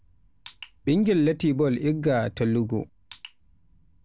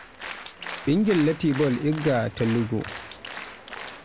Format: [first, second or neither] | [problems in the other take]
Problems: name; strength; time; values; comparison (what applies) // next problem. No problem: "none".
first | background sound (Applause); 13 dB below the speech